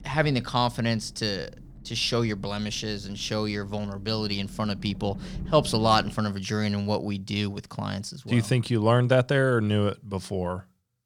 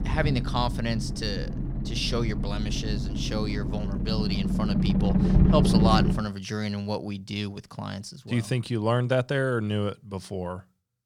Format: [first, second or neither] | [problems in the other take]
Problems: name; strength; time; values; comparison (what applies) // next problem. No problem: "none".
first | low rumble; loud; until 6 s; 4 dB below the speech; faint in the first